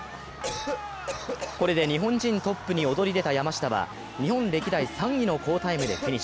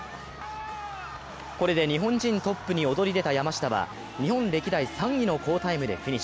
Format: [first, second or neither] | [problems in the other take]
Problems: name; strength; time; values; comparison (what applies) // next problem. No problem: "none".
second | background sound (Cough); 12 dB below the speech